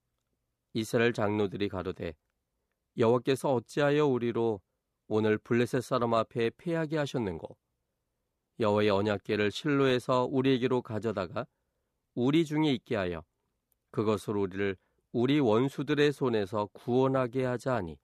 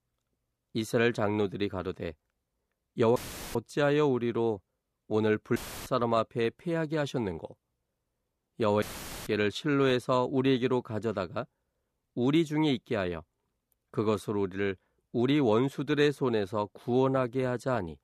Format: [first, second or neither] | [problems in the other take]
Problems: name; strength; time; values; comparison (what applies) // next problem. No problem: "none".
first | audio cutting out; filled with static; at 3 s, at 5.5 s and at 9 s